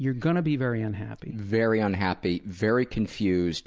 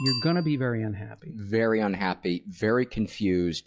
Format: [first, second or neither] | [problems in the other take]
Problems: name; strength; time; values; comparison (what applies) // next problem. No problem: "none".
first | noise reduction (classical method log-MMSE)